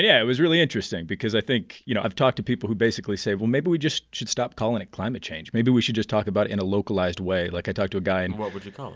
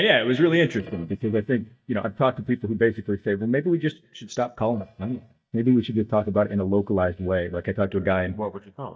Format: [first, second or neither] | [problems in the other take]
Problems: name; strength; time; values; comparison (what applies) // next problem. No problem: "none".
first | noise reduction (neural mask model DeepFilterNet 3)